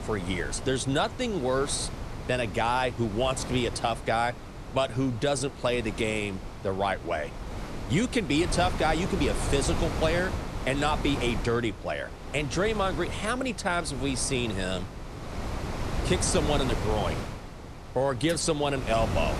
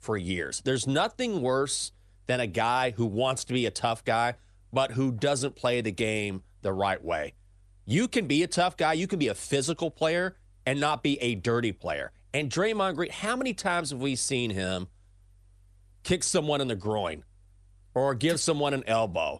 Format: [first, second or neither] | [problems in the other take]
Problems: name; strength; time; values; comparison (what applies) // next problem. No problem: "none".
second | wind noise on the microphone; heavy; 10 dB below the speech